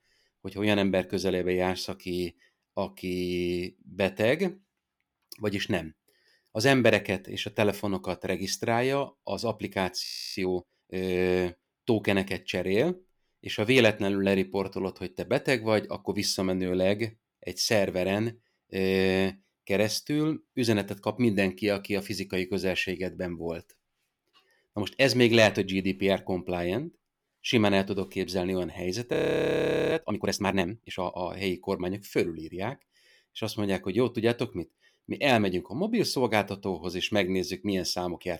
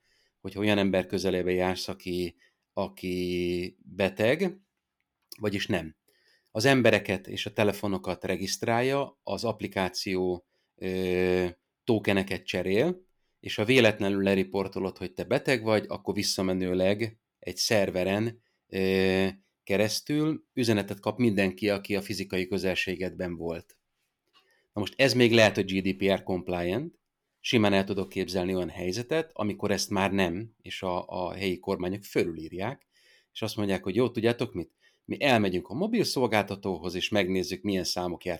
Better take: second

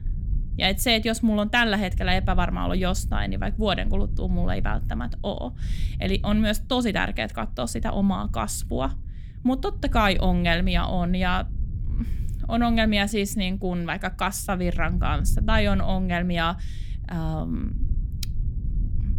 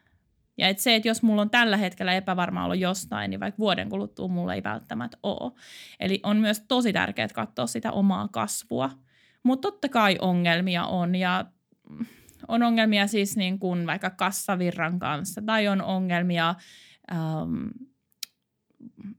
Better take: second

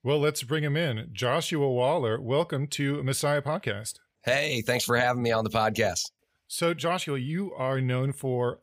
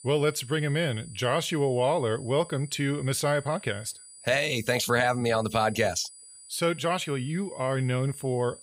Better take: first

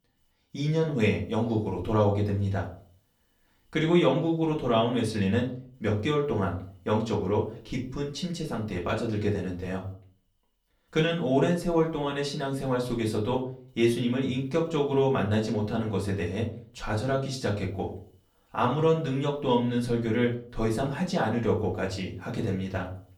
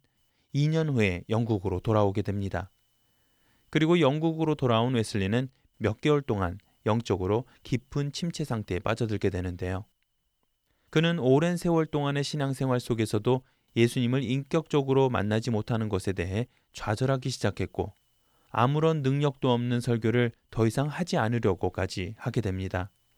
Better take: second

